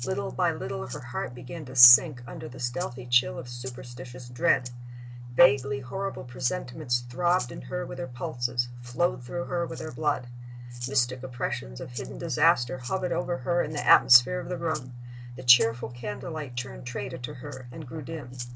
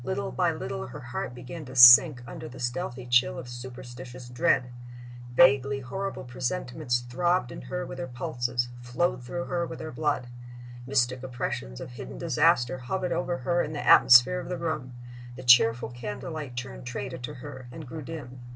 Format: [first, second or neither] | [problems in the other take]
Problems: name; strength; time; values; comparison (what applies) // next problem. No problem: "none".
second | background sound (Rattle (instrument)); 19 dB below the speech